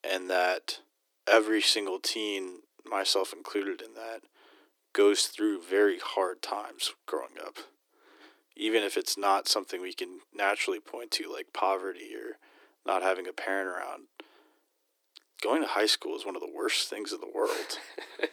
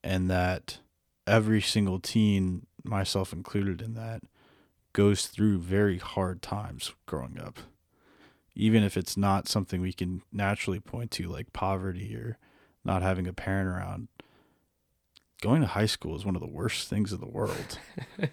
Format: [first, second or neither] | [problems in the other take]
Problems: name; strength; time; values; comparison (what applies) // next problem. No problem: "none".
second | thin; very; fading below 300 Hz